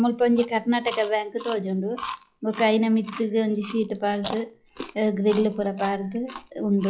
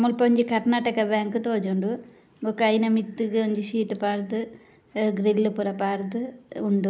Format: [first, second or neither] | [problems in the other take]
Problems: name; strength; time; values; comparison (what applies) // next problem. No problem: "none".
second | noise reduction (classical method log-MMSE)